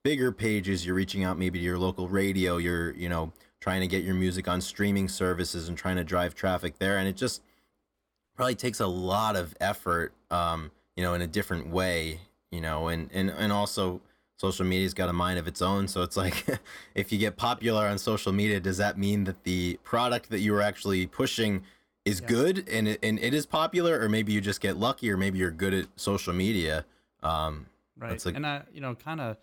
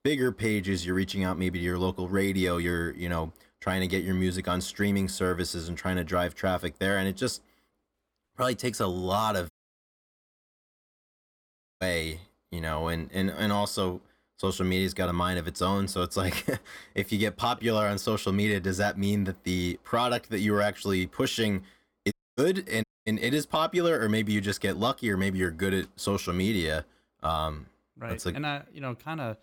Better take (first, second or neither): first